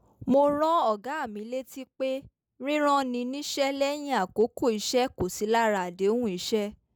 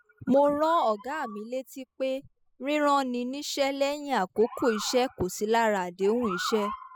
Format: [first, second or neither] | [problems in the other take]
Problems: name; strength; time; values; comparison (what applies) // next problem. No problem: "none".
first | noise reduction (classical method spectral subtraction)